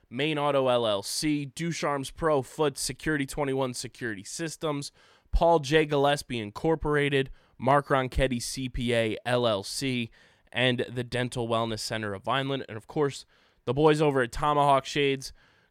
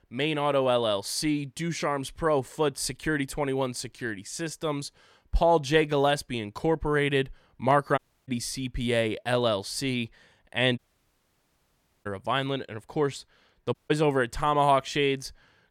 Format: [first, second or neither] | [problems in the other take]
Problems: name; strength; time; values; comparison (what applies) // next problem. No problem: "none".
first | audio cutting out; at 8 s, at 11 s for 1.5 s and at 14 s